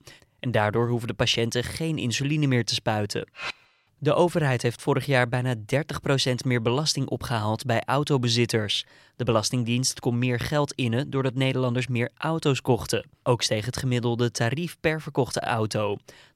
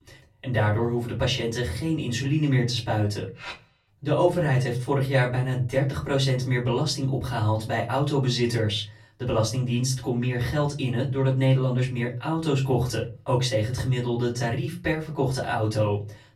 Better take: first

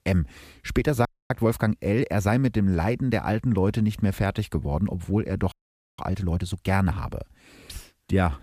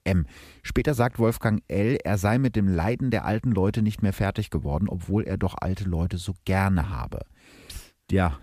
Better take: second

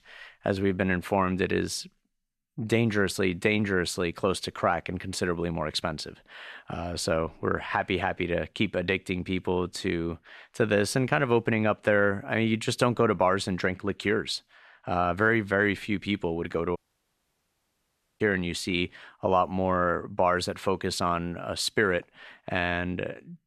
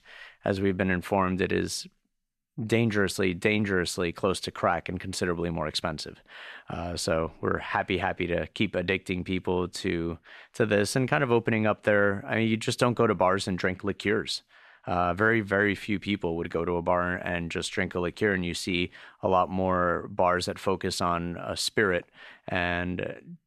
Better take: second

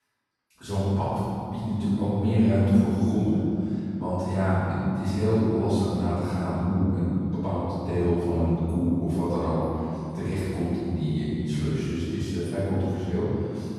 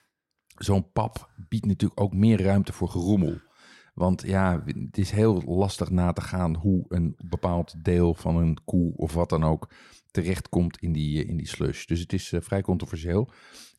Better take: second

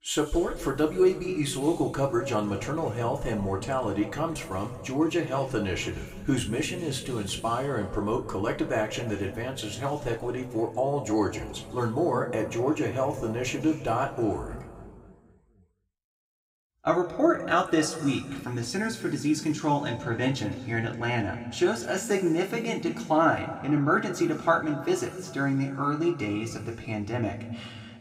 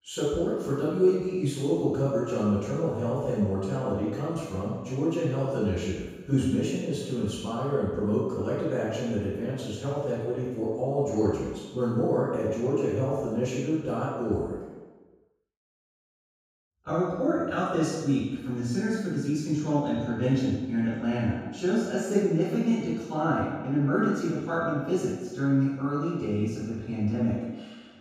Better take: first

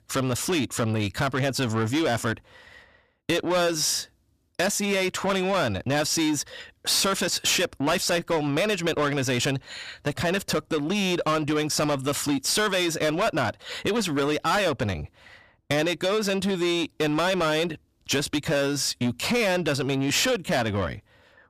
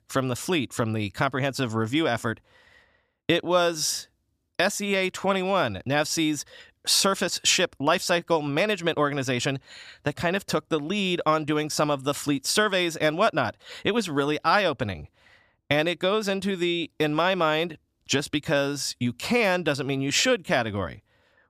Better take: second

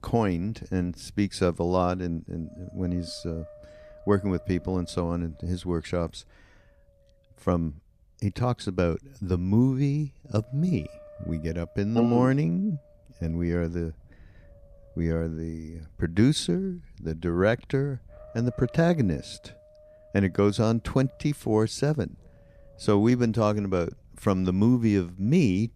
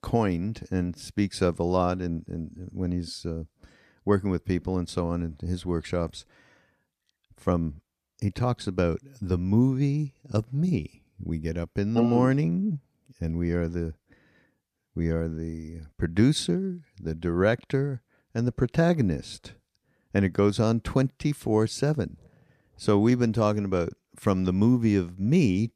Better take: second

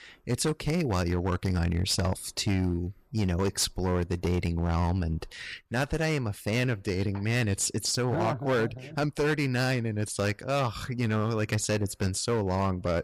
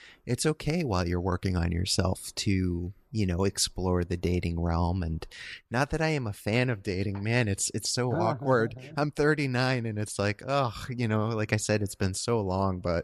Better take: second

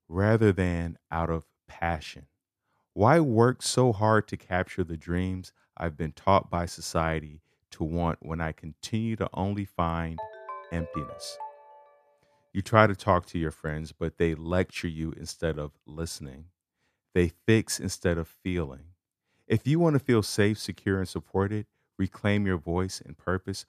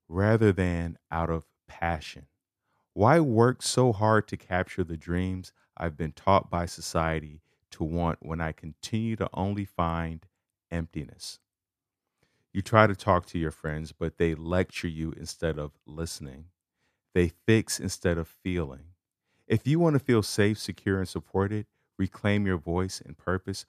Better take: second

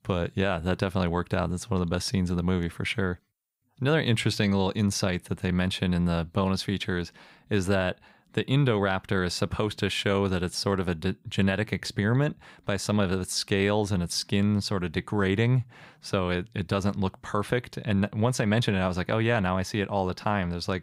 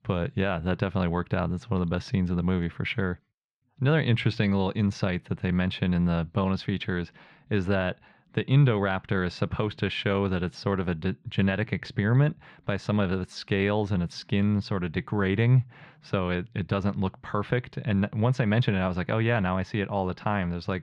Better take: first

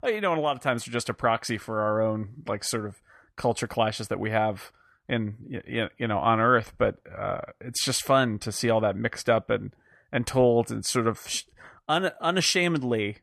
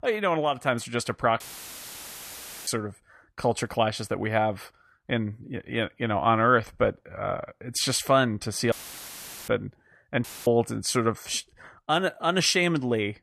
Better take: first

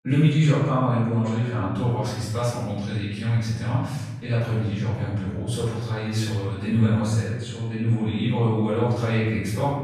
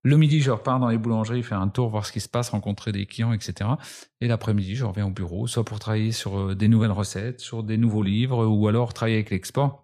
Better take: second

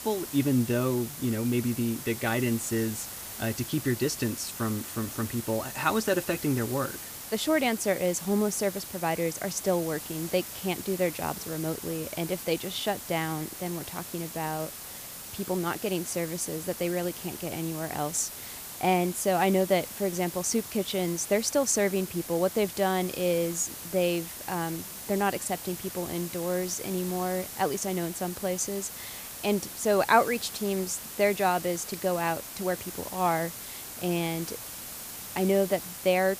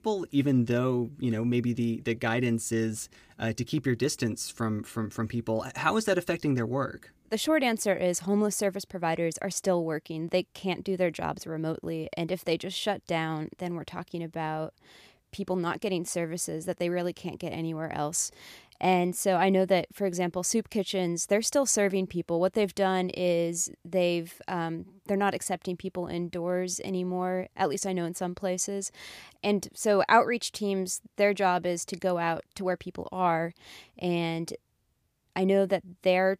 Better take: second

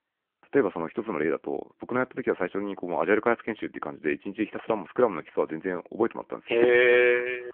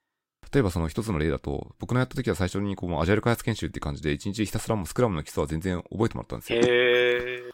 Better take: second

